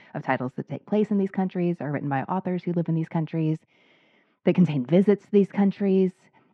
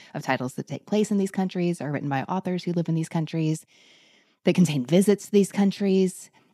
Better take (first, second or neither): second